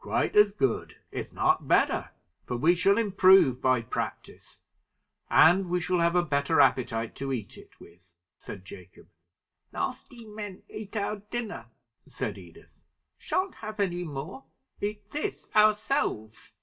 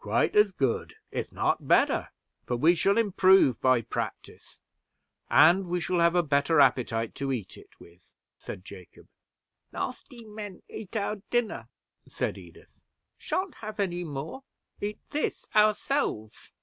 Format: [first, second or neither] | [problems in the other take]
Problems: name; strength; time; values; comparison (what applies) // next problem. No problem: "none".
second | room echo; dies away in 0.2 s